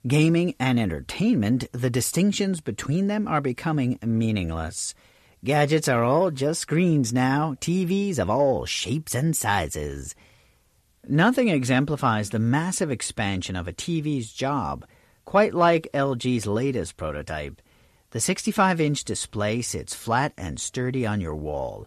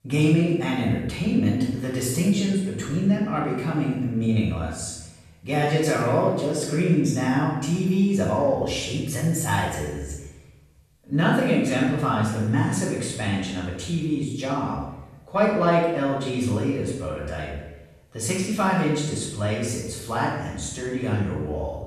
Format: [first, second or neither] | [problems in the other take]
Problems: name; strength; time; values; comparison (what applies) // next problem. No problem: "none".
first | off-mic speech; far // room echo; noticeable; dies away in 0.9 s